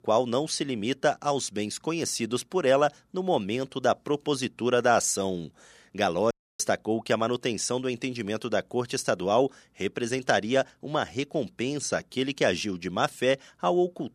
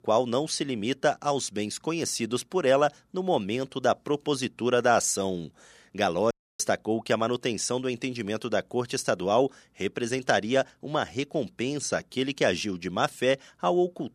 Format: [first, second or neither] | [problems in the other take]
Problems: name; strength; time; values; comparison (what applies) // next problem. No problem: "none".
neither | audio cutting out; at 6.5 s; the same in both